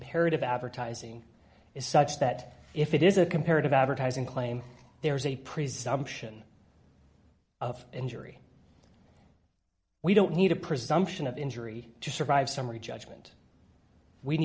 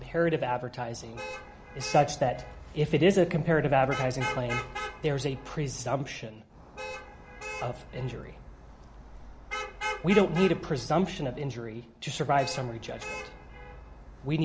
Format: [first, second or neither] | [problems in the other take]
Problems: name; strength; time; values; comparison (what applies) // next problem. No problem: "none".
first | background sound (Traffic noise, roadway noise / Vehicle horn, car horn, honking); 11 dB below the speech